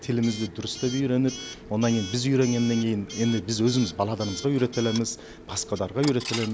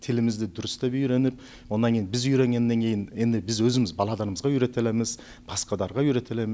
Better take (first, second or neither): second